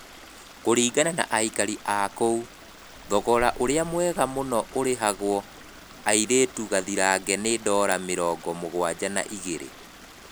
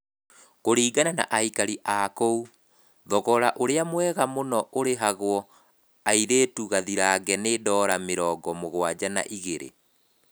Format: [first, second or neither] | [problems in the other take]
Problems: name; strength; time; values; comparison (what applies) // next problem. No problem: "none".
second | background sound (Stream); 18 dB below the speech